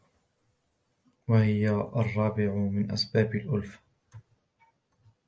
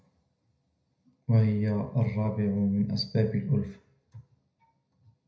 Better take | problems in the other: first | room echo; dies away in 0.5 s

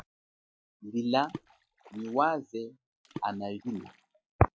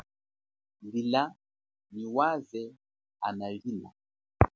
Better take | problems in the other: second | noise reduction (classical method log-MMSE)

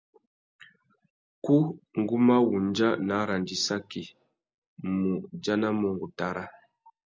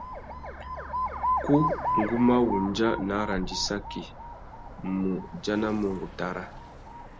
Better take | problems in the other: first | background sound (Alarm); 5 dB below the speech

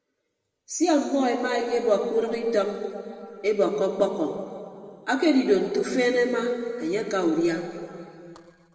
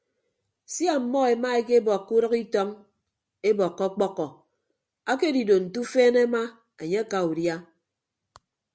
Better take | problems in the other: second | room echo; dies away in 2.5 s

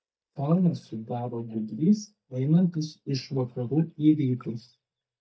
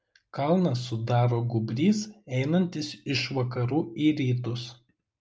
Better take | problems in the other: second | noise reduction (neural mask model DeepFilterNet 3)

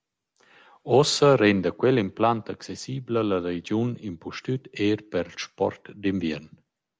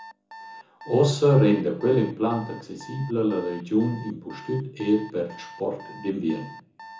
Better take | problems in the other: first | background sound (Alarm); 19 dB below the speech // room echo; dies away in 0.6 s

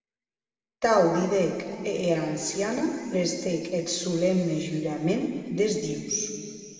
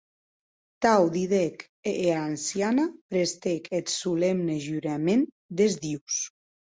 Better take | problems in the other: second | room echo; dies away in 2.7 s

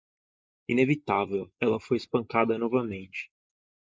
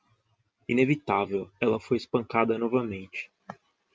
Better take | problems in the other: second | noise reduction (neural mask model Resemble Enhance denoiser)

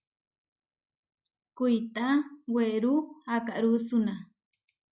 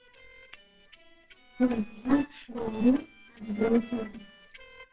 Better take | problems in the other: first | noise reduction (neural separator model SepFormer WHAMR!)

